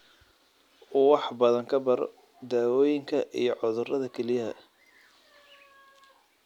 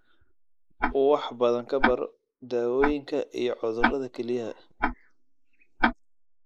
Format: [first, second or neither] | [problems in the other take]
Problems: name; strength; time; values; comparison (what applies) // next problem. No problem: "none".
first | noise reduction (neural mask model Resemble Enhance denoiser)